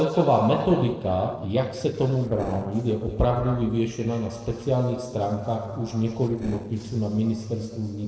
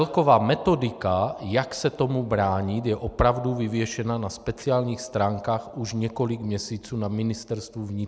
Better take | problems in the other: second | noise reduction (neural separator model SepFormer DNS4)

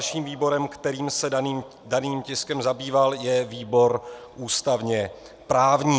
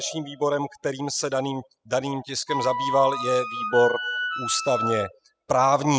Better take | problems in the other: first | noise reduction (classical method spectral subtraction)

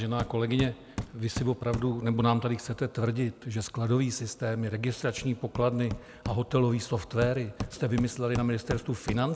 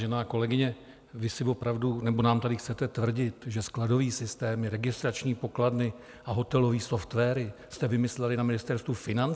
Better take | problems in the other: second | background sound (Hammer); 12 dB below the speech

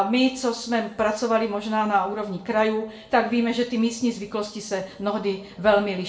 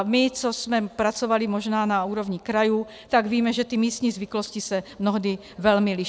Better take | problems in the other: second | room echo; dies away in 0.4 s

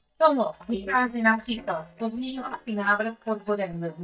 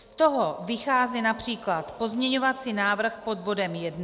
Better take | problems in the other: second | noise reduction (neural mask model DeepFilterNet 3)

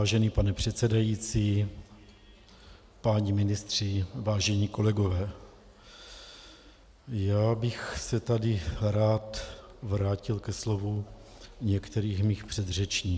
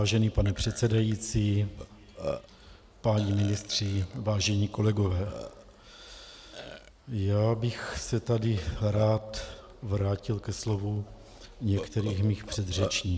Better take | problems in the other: first | background sound (Burping, eructation); 15 dB below the speech

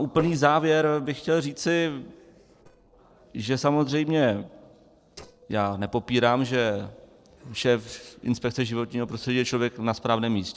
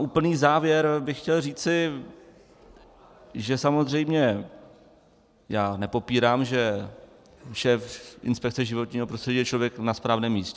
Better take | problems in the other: second | noise reduction (neural separator model SepFormer DNS4)

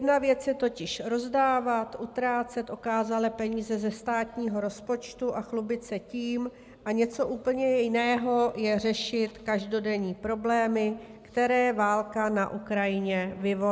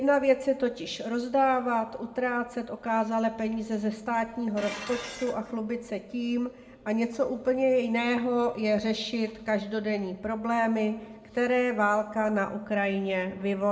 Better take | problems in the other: first | background sound (Dishes, pots, and pans); 17 dB below the speech // room echo; dies away in 0.5 s

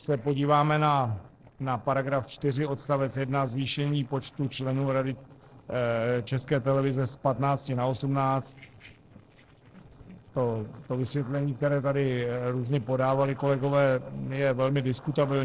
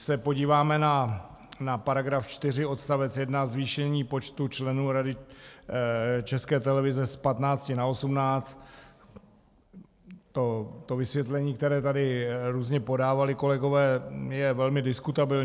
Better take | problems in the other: second | noise reduction (neural separator model SepFormer DNS4)

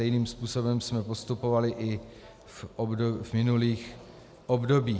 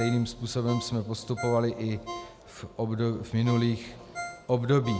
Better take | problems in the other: first | background sound (Ringtone); 14 dB below the speech

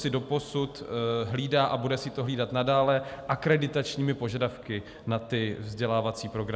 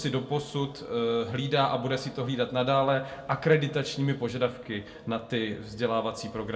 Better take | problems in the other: first | room echo; dies away in 0.2 s

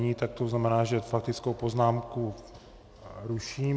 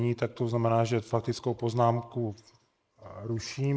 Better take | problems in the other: first | noise reduction (neural mask model Resemble Enhance denoiser)

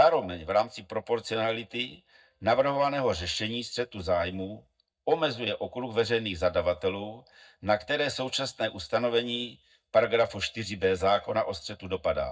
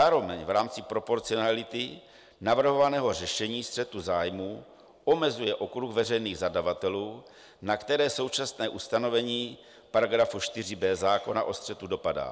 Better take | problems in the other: second | noise reduction (neural mask model DeepFilterNet 3)

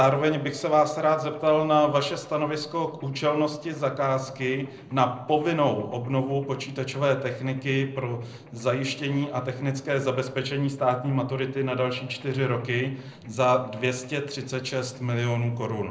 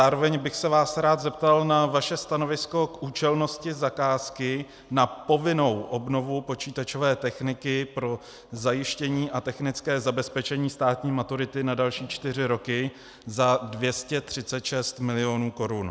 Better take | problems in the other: second | noise reduction (neural separator model SepFormer DNS4)

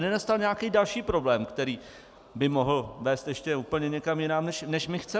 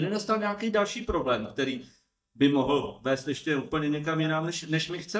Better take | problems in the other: first | noise reduction (neural mask model DeepFilterNet 3)

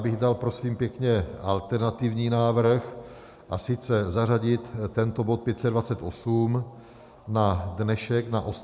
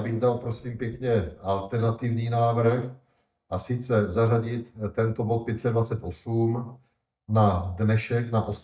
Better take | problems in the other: first | noise reduction (neural mask model DeepFilterNet 3)

